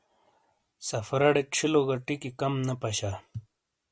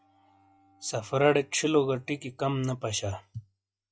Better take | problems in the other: first | noise reduction (classical method log-MMSE)

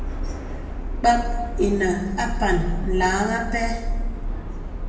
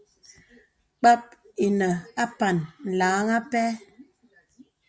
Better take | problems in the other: second | background sound (Subway, metro, underground); 1 dB below the speech // room echo; dies away in 1.1 s

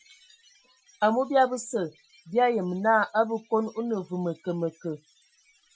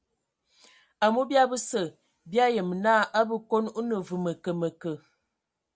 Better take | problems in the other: second | noise reduction (classical method Wiener filter)

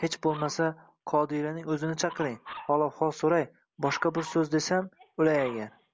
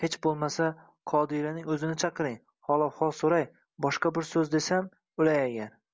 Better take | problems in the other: second | background sound (Dog); 18 dB below the speech

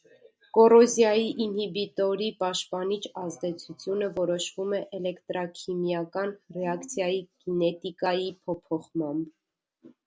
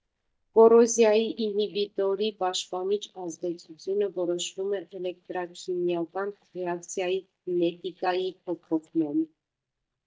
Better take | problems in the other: first | noise reduction (neural mask model DeepFilterNet 3)

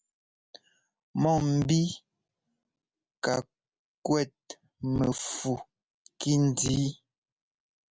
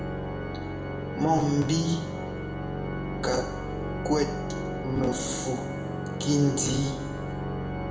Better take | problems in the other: first | background sound (Organ); 2 dB below the speech // room echo; dies away in 0.9 s

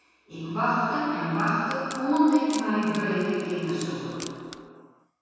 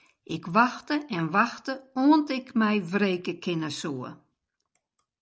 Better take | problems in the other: second | background sound (Wood); 19 dB below the speech // room echo; dies away in 2.2 s

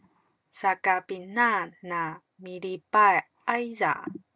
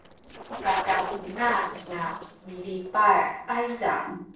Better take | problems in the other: first | noise reduction (neural separator model SepFormer DNS4)

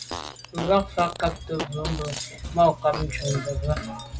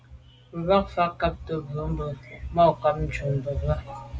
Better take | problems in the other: second | background sound (Fart + Wind chime); 11 dB below the speech

